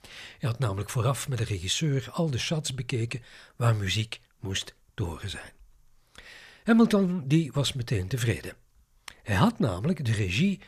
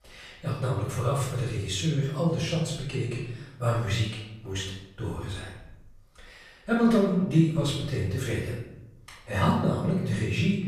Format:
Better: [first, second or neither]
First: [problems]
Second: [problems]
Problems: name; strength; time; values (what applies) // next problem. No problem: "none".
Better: first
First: none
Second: off-mic speech; far // room echo; noticeable; dies away in 0.8 s